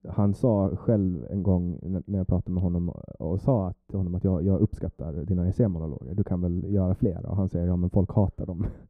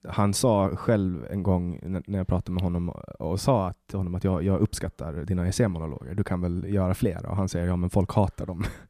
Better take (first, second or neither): second